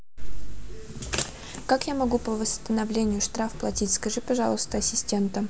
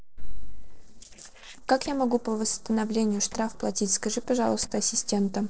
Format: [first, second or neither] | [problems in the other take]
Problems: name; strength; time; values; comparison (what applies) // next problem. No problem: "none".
first | noise reduction (neural separator model SepFormer DNS4)